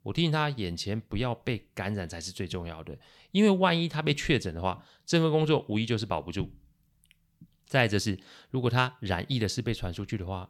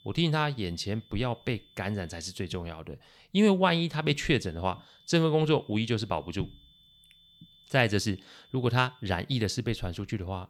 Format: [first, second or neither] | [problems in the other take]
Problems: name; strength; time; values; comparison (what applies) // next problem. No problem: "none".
first | high-pitched whine; faint; until 2.5 s and from 4 to 9 s; 3.5 kHz, 30 dB below the speech